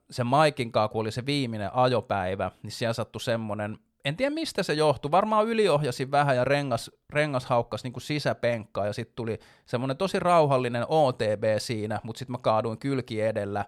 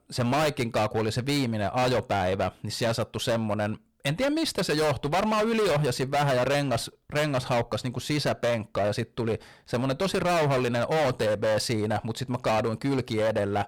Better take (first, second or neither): first